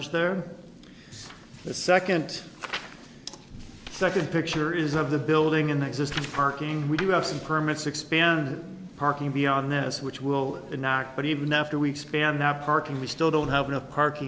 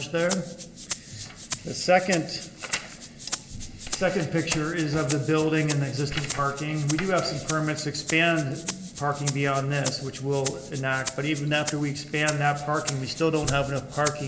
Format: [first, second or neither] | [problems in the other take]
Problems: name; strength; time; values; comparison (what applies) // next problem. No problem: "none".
first | background sound (Rattle (instrument)); 11 dB below the speech // room echo; dies away in 0.4 s